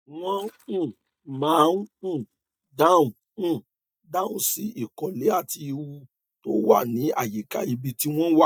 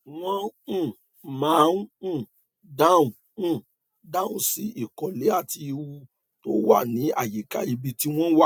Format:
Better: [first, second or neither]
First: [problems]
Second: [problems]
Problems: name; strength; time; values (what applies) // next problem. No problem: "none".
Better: second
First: noise reduction (neural mask model DeepFilterNet 3)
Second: none